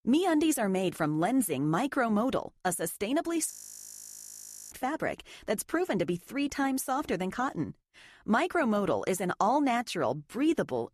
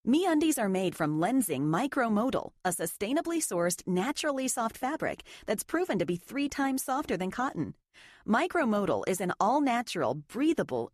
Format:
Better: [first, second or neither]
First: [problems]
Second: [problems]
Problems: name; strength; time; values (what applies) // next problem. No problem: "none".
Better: second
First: audio freezing; at 3.5 s for 1 s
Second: none